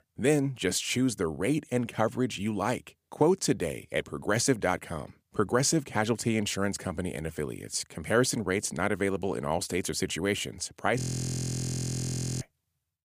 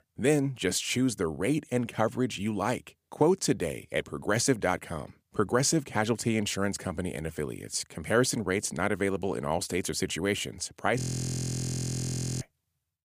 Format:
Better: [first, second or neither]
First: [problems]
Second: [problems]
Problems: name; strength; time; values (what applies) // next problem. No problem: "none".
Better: neither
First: audio freezing; at 11 s for 1.5 s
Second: audio freezing; at 11 s for 1.5 s